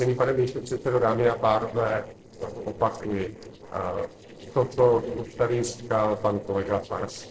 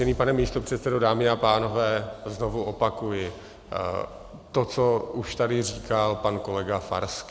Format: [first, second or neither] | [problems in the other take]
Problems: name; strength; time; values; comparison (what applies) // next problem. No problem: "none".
second | noise reduction (neural separator model SepFormer DNS4)